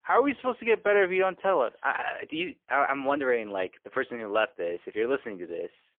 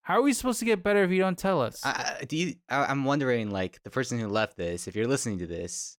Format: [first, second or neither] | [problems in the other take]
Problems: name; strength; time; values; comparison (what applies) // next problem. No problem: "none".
second | phone-call audio; poor line